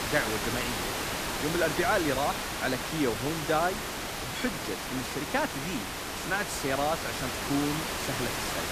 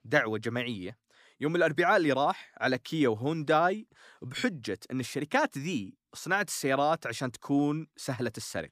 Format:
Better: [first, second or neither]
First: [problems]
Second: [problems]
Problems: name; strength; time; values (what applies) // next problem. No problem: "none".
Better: second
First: hiss; loud; throughout; 1 dB below the speech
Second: none